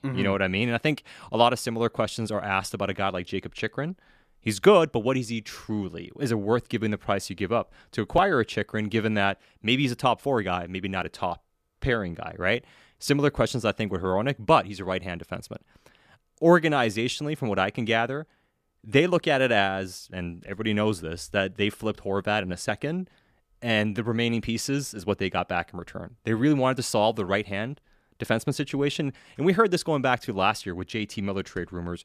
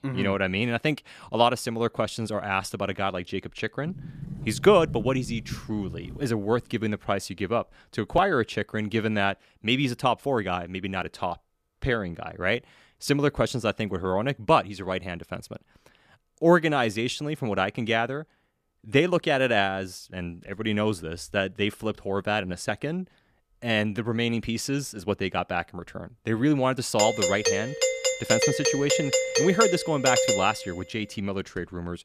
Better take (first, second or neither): first